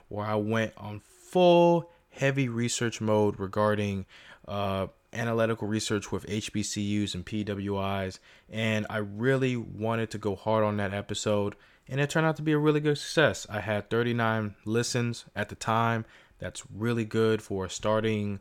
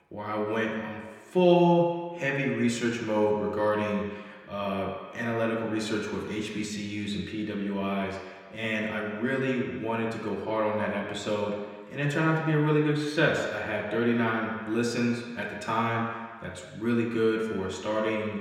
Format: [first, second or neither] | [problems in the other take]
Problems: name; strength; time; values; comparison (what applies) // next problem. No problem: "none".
first | room echo; noticeable; dies away in 1.5 s // off-mic speech; somewhat distant